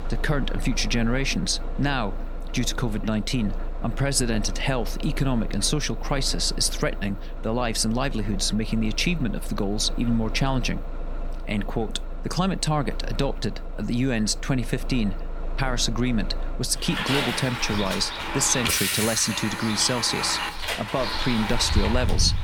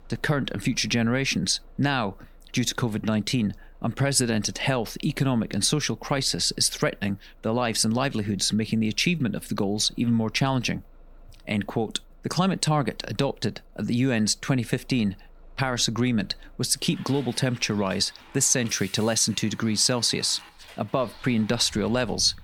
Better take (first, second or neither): second